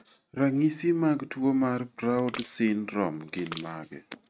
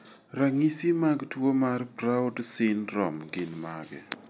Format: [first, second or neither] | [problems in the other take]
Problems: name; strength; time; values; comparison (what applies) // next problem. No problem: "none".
second | noise reduction (neural mask model RNNoise)